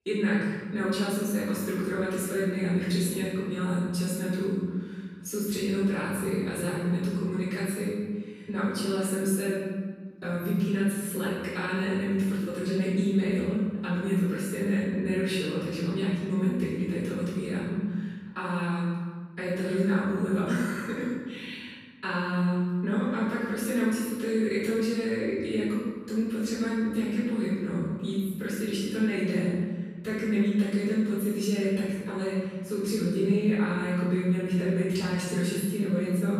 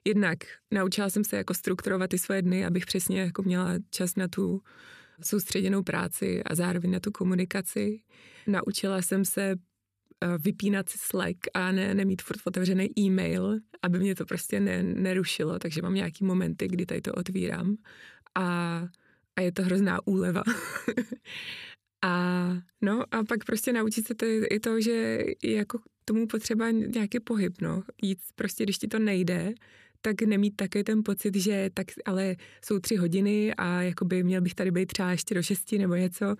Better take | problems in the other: second | room echo; strong; dies away in 1.5 s // off-mic speech; far

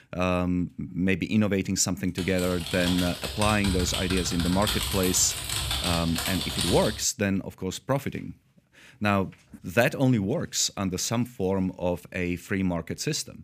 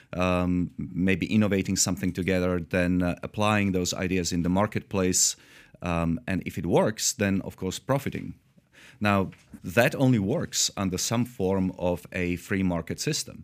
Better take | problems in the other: second | keyboard typing; loud; from 2 to 7 s; peak level with the speech

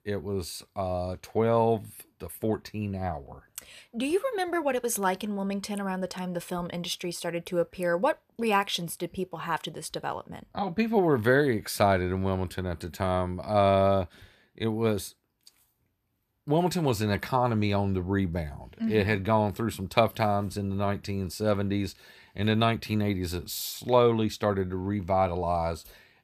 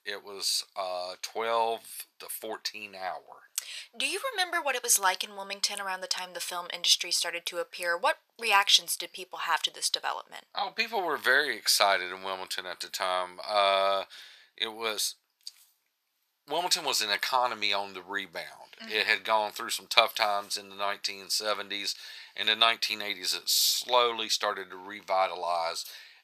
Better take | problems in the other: first | thin; very; fading below 900 Hz

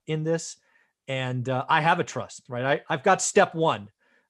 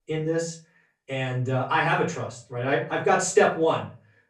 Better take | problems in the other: first | off-mic speech; far // room echo; slight; dies away in 0.3 s

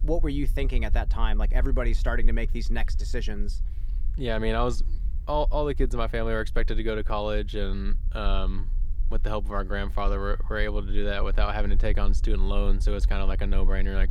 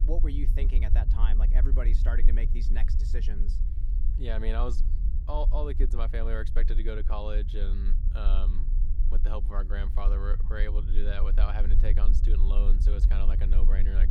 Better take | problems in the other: first | low rumble; loud; throughout; 10 dB below the speech; faint in the first

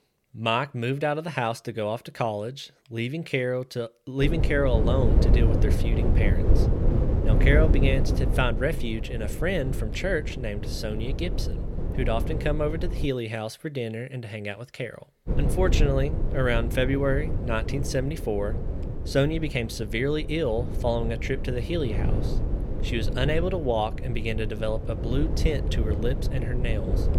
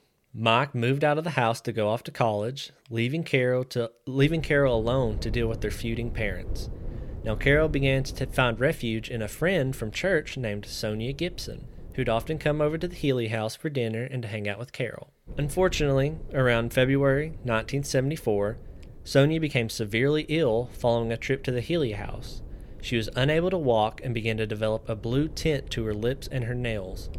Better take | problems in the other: second | wind noise on the microphone; heavy; from 4 to 13 s and from 15 s on; 8 dB below the speech; occasional gusts in the second

